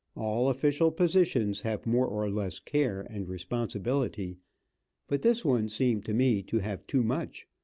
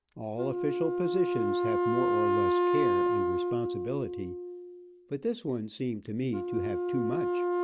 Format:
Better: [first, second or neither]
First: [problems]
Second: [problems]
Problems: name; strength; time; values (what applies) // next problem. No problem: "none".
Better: first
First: none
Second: background sound (Wind instrument, woodwind instrument); 4 dB above the speech